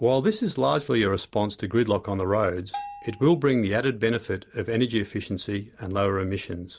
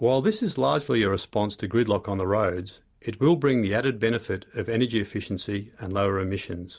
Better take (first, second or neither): second